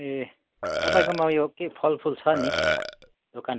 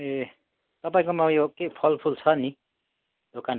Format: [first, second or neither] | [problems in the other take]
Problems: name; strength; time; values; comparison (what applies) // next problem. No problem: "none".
second | background sound (Burping, eructation); as loud as the speech